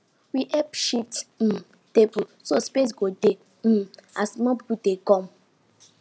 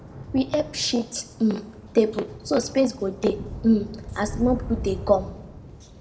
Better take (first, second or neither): first